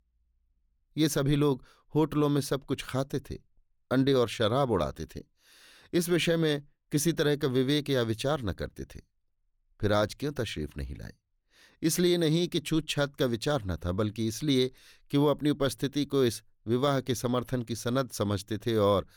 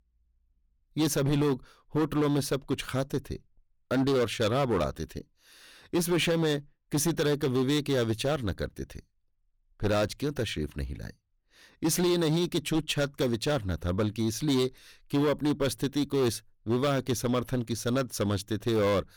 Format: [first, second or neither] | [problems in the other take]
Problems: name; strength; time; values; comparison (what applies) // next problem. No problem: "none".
first | distortion; slight; 9% of the sound clipped